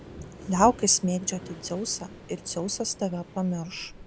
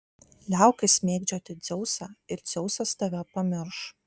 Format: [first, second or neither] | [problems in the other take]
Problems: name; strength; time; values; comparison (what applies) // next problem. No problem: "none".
second | background sound (Waves, surf); 16 dB below the speech